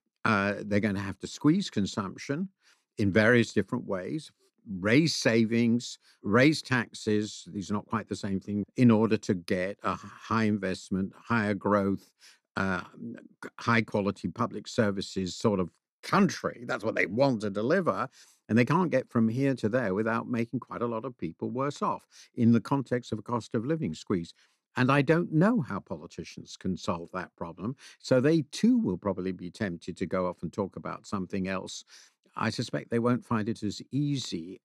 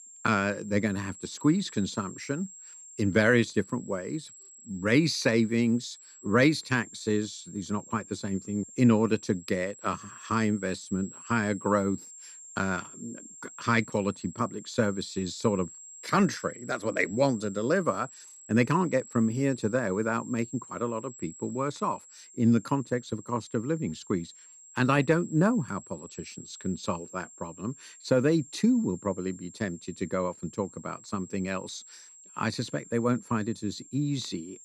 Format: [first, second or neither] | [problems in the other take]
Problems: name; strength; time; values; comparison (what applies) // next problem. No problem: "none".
first | high-pitched whine; noticeable; throughout; 7.5 kHz, 20 dB below the speech